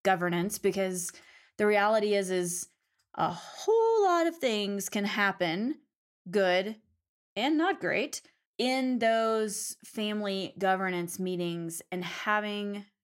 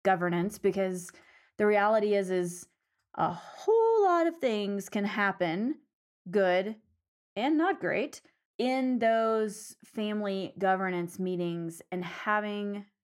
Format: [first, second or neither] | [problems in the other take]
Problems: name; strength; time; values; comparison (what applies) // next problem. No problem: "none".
first | muffled; slightly; fading above 2.5 kHz